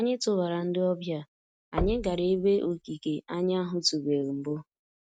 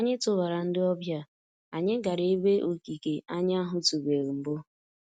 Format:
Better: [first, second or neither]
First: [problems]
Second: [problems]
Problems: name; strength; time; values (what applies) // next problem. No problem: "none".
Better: second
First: background sound (Knock); 11 dB below the speech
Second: none